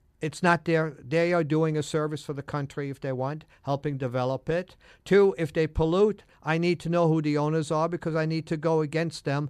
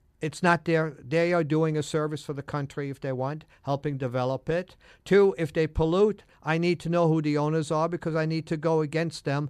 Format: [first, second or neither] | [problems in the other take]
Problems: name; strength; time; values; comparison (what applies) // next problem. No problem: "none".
neither | none